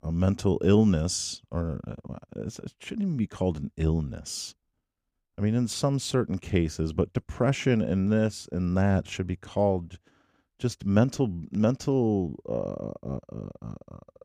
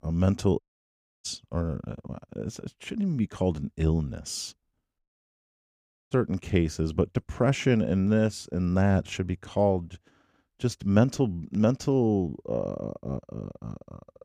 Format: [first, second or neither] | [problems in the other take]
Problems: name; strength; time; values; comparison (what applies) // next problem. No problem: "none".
first | audio cutting out; at 0.5 s for 0.5 s and at 5 s for 1 s